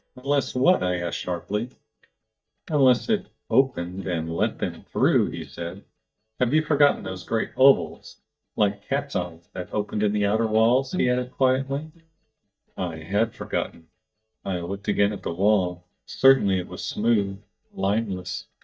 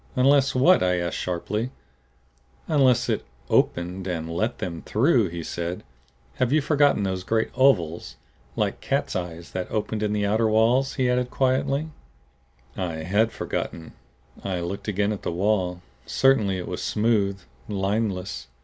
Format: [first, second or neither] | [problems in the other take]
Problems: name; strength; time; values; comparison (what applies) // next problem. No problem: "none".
second | noise reduction (neural mask model DeepFilterNet 3)